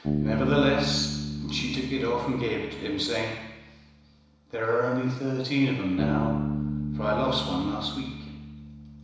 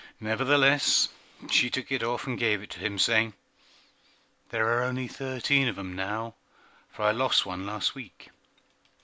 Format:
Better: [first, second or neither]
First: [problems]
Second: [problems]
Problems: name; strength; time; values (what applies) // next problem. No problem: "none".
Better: second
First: background sound (Bass guitar); 4 dB below the speech // room echo; dies away in 1 s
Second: none